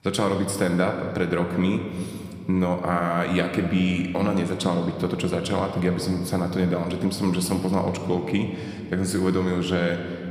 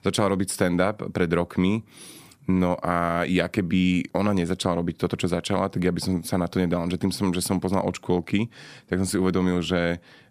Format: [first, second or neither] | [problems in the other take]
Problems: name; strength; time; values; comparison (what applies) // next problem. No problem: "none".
second | room echo; slight; dies away in 2.1 s